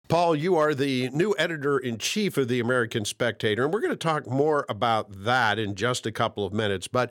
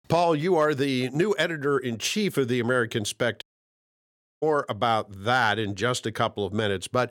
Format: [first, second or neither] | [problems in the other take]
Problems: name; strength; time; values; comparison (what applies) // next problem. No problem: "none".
first | audio cutting out; at 3.5 s for 1 s